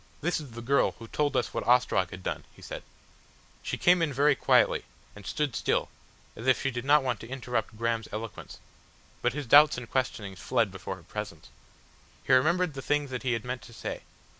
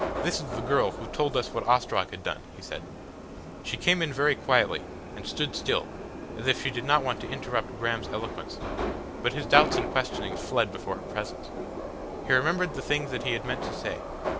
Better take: first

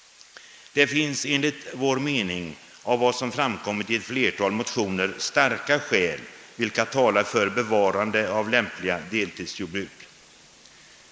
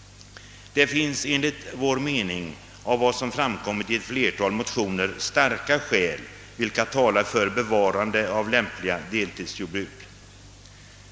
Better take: second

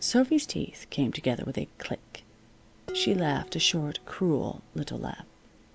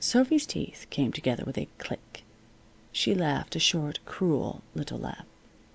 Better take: second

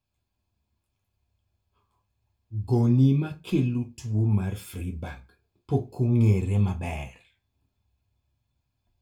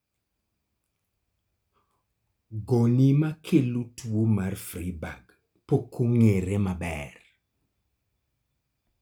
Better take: second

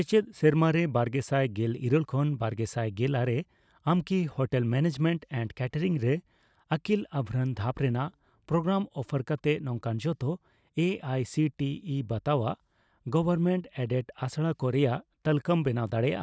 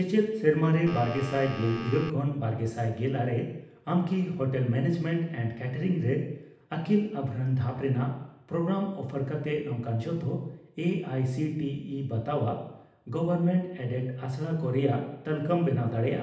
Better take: first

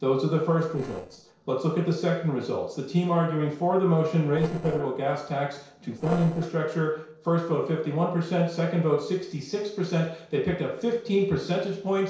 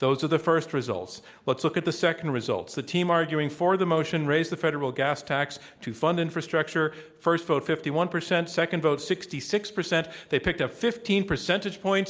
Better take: second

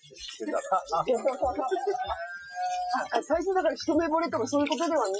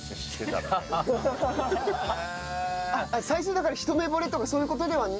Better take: second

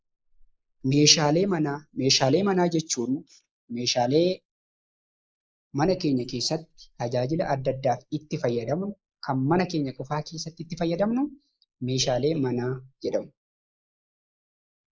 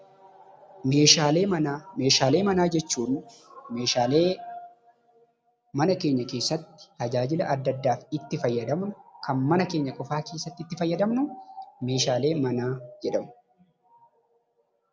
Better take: second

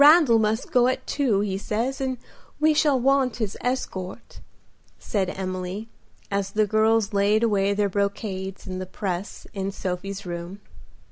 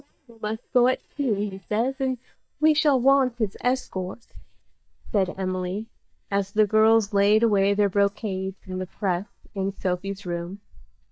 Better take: first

